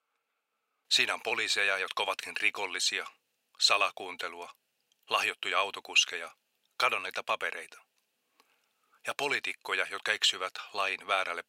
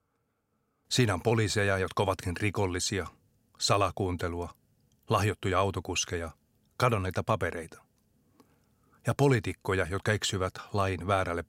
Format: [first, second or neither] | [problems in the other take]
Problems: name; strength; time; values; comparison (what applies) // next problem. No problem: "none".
second | thin; very; fading below 700 Hz